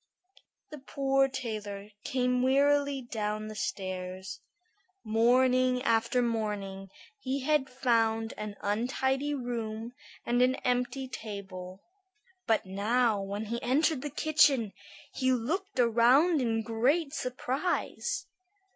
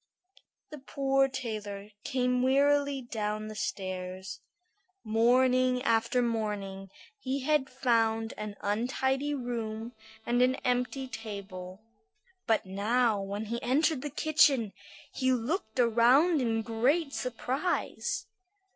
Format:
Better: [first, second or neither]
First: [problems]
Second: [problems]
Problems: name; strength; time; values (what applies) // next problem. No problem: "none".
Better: first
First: none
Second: noise reduction (neural separator model SepFormer DNS4)